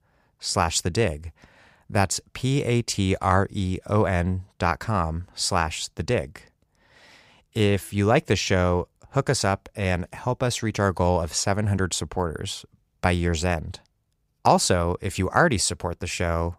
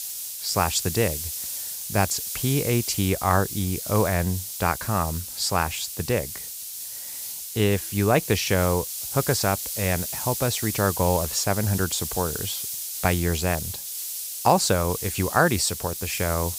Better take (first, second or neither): first